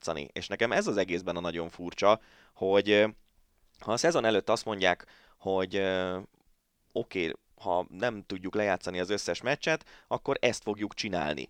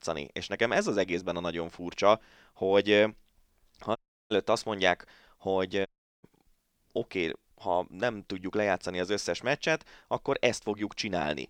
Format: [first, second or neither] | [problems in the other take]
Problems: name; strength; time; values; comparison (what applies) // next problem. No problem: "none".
first | audio cutting out; at 4 s and at 6 s